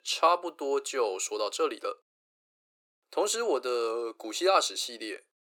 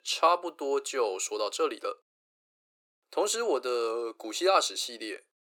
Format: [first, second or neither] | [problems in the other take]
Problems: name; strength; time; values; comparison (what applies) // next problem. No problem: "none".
neither | thin; very; fading below 350 Hz; the same in both